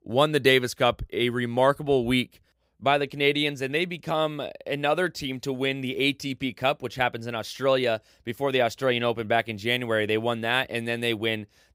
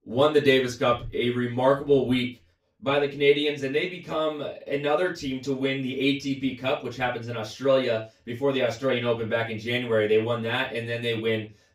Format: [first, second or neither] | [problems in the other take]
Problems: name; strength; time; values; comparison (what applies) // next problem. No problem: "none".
first | room echo; slight; dies away in 0.2 s // off-mic speech; far